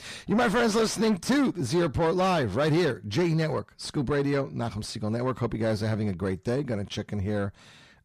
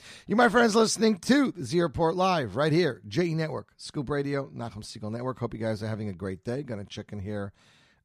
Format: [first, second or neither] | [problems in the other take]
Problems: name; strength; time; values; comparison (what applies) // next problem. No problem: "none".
second | distortion; heavy; 7 dB below the speech